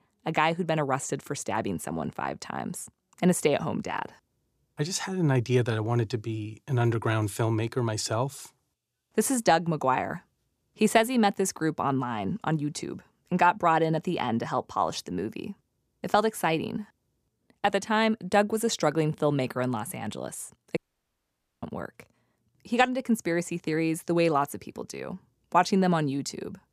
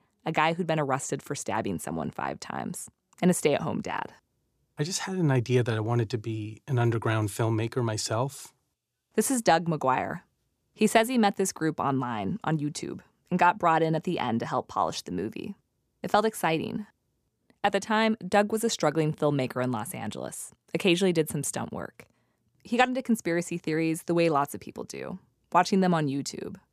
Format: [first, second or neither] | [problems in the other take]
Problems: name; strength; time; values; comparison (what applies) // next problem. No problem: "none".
second | audio cutting out; at 21 s for 1 s